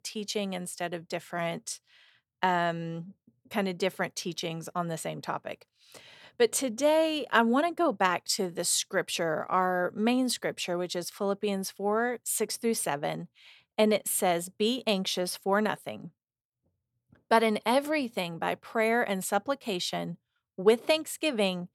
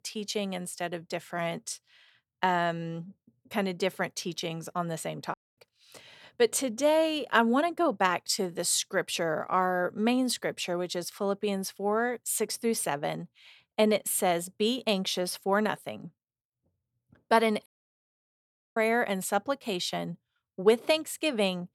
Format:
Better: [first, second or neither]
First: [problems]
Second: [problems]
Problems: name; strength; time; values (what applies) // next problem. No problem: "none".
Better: first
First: none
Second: audio cutting out; at 5.5 s and at 18 s for 1 s